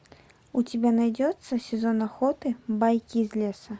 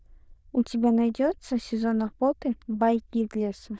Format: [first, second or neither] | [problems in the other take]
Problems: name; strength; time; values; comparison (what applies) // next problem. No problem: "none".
first | noise reduction (neural diffusion model UNIVERSE++)